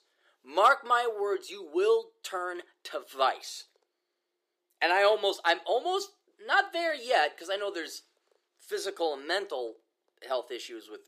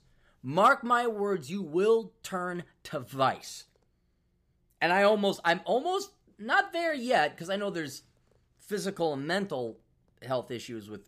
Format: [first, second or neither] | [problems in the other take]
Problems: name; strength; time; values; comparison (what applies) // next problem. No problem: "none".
second | thin; very; fading below 350 Hz